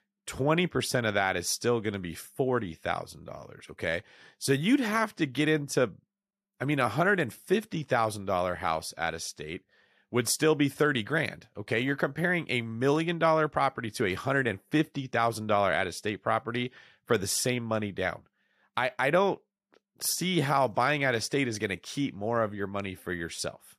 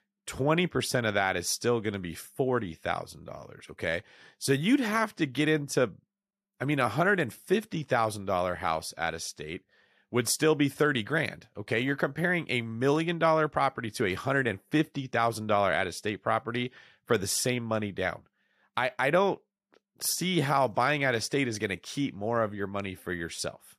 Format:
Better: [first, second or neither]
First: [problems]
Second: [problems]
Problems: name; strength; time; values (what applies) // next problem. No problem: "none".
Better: neither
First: none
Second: none